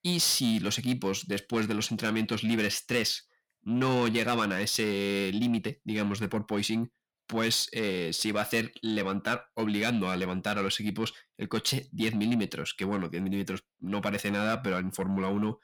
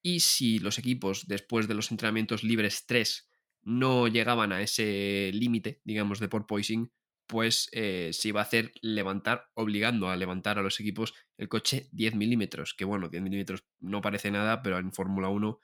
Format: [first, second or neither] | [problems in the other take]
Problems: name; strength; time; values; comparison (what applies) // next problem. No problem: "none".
second | distortion; slight; 10 dB below the speech